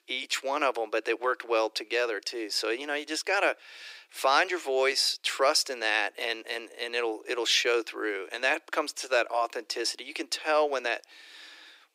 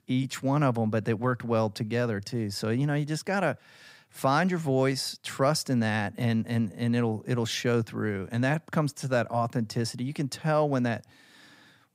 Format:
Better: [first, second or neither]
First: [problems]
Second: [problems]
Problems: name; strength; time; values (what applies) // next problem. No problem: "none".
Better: second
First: thin; very; fading below 300 Hz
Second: none